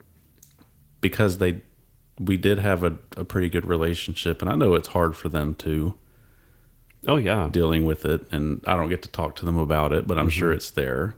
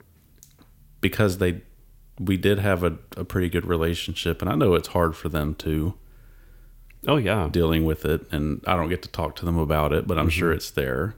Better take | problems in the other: second | garbled, watery; slightly; nothing above 16.5 kHz

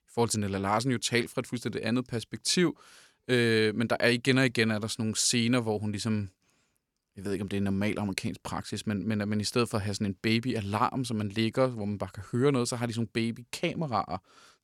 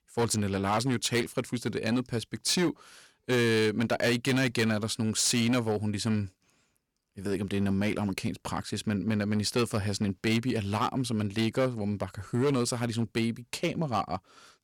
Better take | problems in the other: first | distortion; slight; 7% of the sound clipped

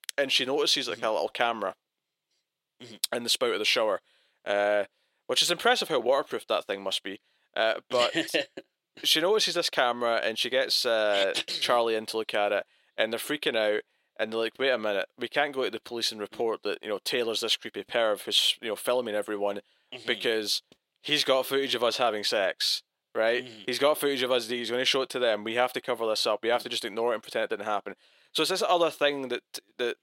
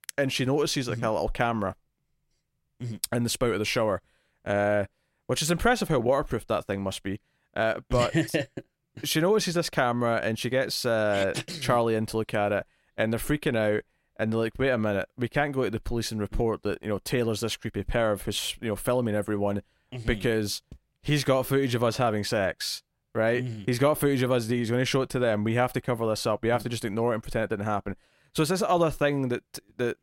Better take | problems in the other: second | thin; somewhat; fading below 450 Hz

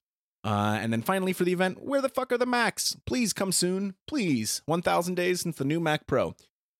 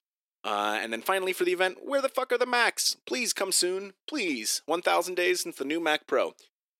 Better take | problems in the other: first | thin; somewhat; fading below 350 Hz

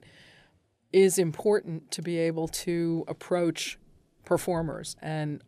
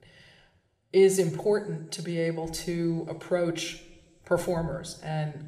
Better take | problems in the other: first | room echo; very slight; dies away in 0.7 s

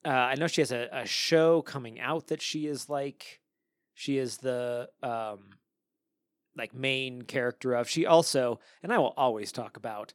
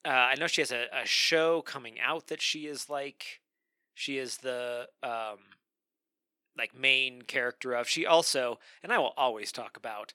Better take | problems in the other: first | thin; somewhat; fading below 700 Hz

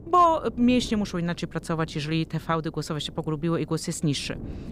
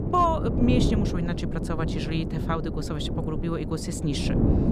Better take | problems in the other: first | wind noise on the microphone; heavy; 5 dB below the speech; occasional gusts in the first

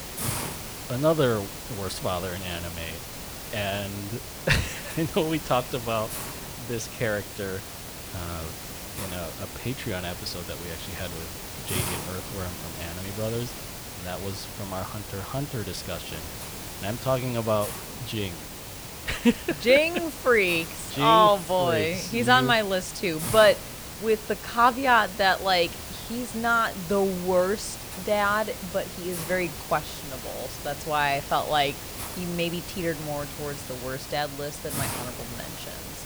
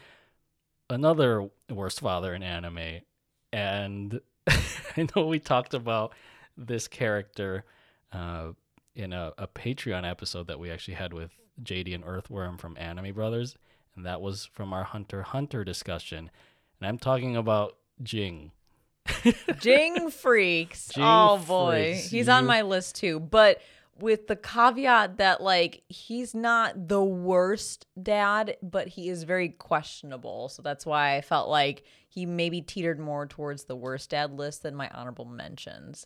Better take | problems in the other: second | hiss; loud; throughout; 9 dB below the speech

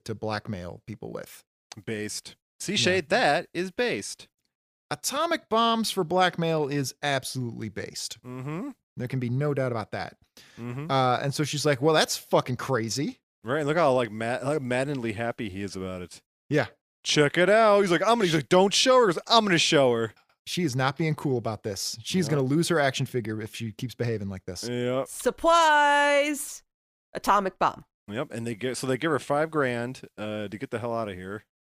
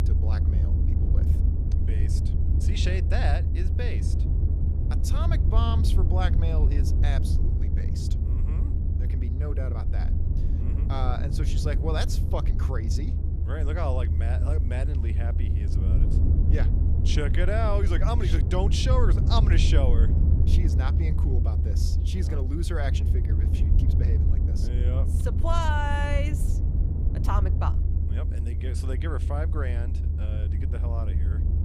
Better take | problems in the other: first | low rumble; loud; throughout; 6 dB below the speech

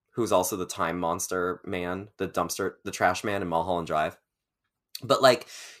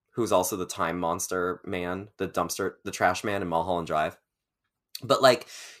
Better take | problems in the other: neither | none

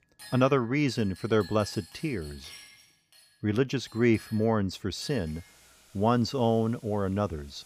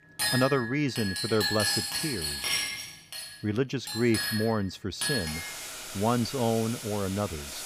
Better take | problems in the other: first | household noises; loud; throughout; 2 dB below the speech; faint in the first

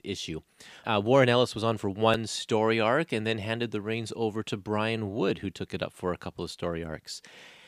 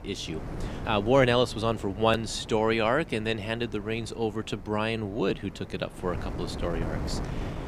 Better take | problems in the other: first | wind noise on the microphone; occasional gusts; 15 dB below the speech

